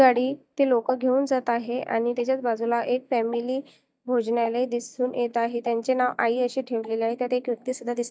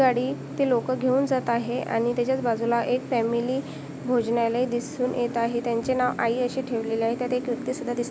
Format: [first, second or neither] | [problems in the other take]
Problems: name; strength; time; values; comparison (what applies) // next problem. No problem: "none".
second | noise reduction (neural mask model DeepFilterNet 3)